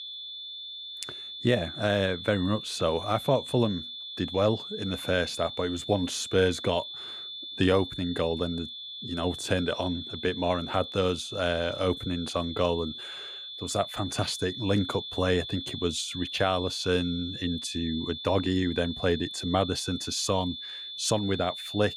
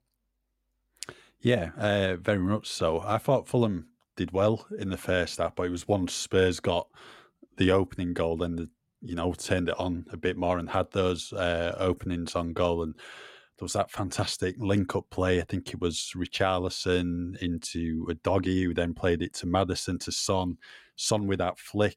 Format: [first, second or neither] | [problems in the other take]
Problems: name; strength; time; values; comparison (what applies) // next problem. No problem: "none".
second | high-pitched whine; loud; throughout; 3.5 kHz, 8 dB below the speech